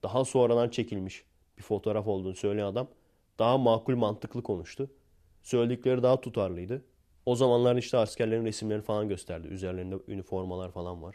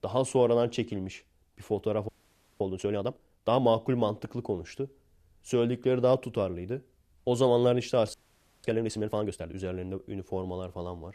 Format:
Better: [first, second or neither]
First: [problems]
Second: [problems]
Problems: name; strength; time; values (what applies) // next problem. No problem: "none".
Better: first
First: none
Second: audio freezing; at 2 s for 0.5 s and at 8 s for 0.5 s